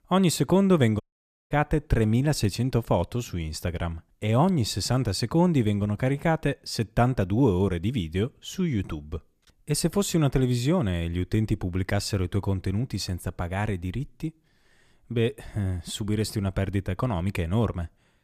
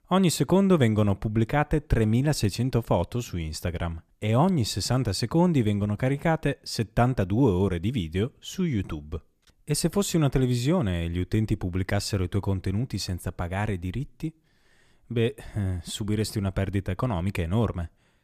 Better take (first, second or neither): second